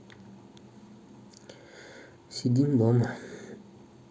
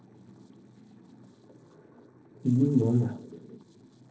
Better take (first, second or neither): first